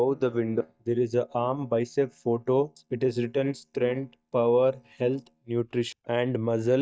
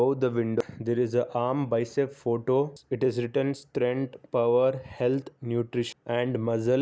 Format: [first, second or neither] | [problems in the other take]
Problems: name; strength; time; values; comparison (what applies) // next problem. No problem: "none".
second | noise reduction (neural mask model DeepFilterNet 3)